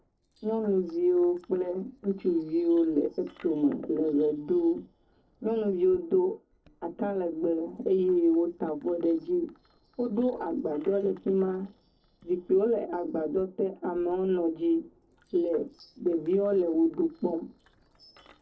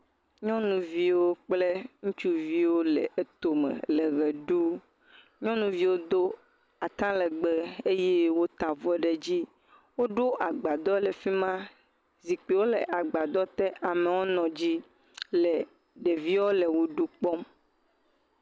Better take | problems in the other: second | noise reduction (neural separator model SepFormer DNS4)

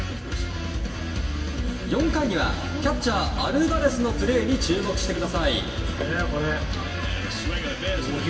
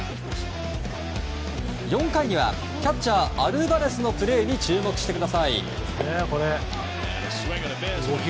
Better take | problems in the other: second | room echo; dies away in 1.9 s

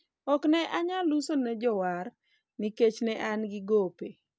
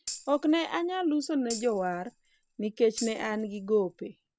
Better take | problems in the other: first | background sound (Tambourine); 16 dB below the speech

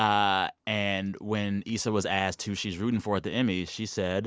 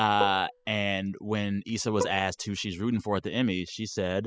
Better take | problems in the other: first | noise reduction (classical method spectral subtraction)

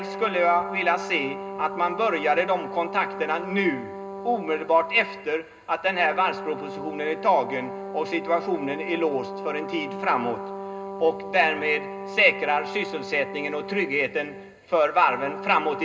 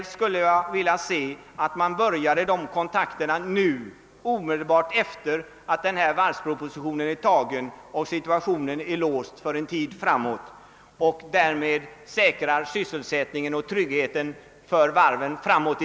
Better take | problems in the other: second | background sound (Brass instrument); 10 dB below the speech // room echo; dies away in 0.2 s

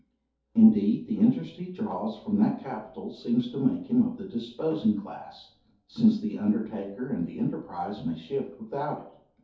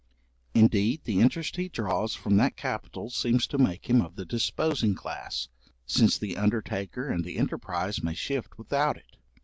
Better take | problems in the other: second | room echo; dies away in 0.5 s

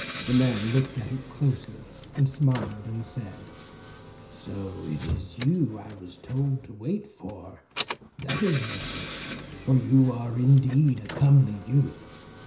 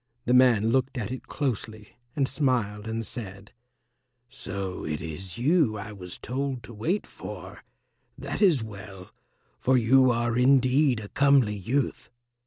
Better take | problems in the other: second | background sound (Engine / Car); 13 dB below the speech // room echo; dies away in 0.5 s

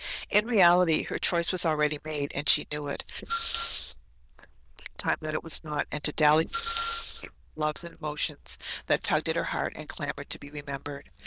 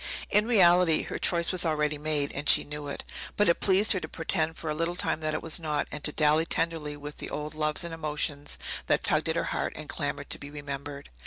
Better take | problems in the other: second | noise reduction (neural diffusion model UNIVERSE++)

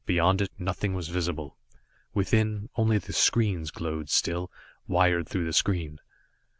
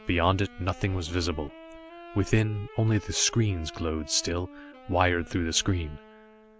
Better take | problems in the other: first | background sound (Wind instrument, woodwind instrument); 19 dB below the speech

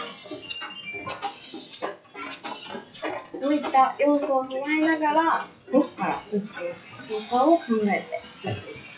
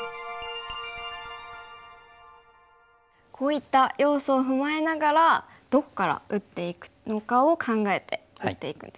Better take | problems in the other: second | noise reduction (classical method WPE with log-MMSE)

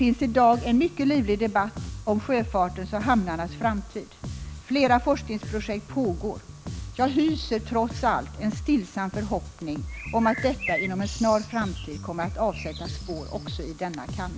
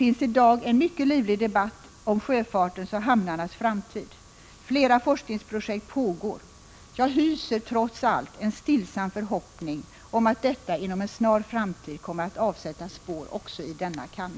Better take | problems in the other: second | background sound (Bird + Bass guitar); 10 dB below the speech

